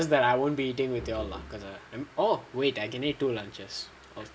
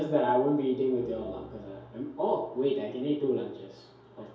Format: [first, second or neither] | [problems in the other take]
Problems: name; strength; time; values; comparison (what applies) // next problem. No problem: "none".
first | room echo; dies away in 2.4 s